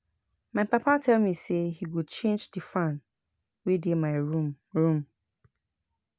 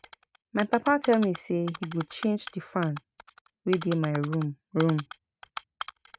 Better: first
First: none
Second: noise reduction (neural mask model RNNoise)

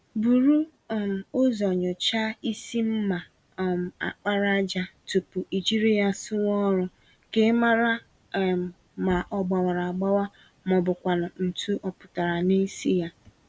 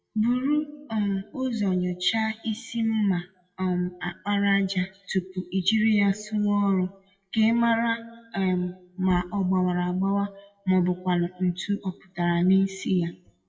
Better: first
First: none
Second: noise reduction (classical method WPE with log-MMSE)

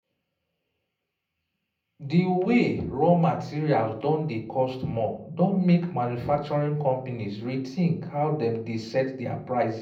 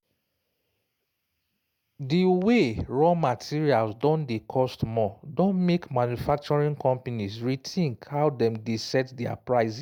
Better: second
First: room echo; dies away in 0.6 s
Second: none

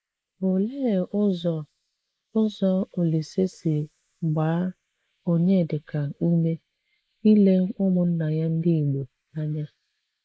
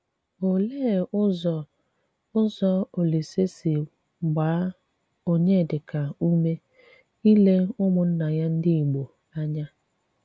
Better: second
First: noise reduction (neural mask model Resemble Enhance denoiser)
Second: none

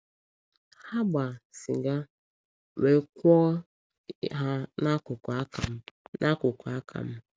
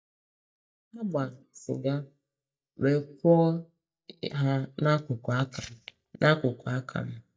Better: first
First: none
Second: noise reduction (neural mask model DeepFilterNet 3)

